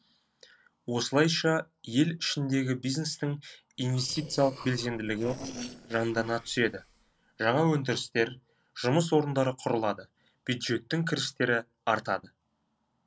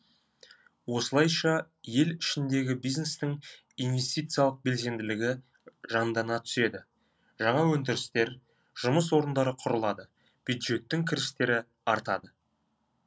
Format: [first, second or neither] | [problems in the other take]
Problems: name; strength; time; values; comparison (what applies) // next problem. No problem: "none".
second | noise reduction (neural separator model SepFormer DNS4)